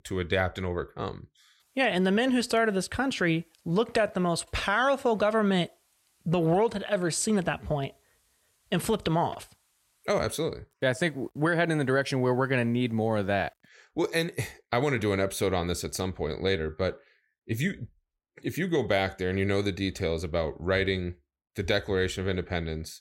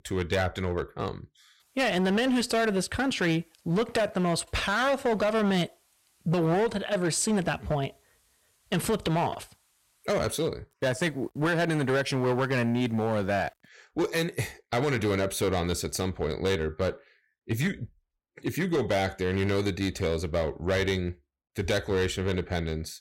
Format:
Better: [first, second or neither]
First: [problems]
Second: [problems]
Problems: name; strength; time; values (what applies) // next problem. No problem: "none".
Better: first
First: none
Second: distortion; slight; 9% of the sound clipped